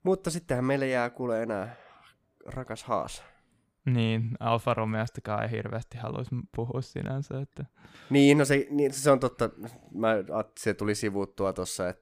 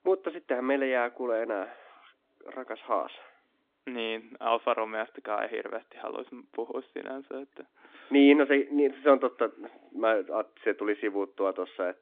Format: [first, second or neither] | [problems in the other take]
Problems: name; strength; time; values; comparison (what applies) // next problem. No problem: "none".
first | phone-call audio; nothing above 3.5 kHz